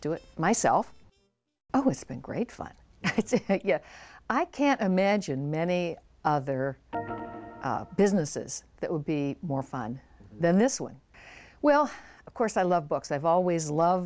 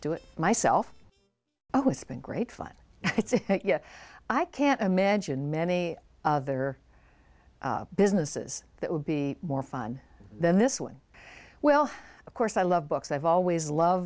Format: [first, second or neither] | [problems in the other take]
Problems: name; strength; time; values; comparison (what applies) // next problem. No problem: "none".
second | background sound (Organ); 10 dB below the speech